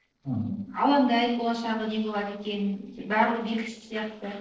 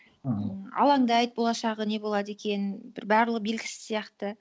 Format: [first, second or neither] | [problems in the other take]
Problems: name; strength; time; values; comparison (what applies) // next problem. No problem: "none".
second | noise reduction (neural separator model SepFormer DNS4)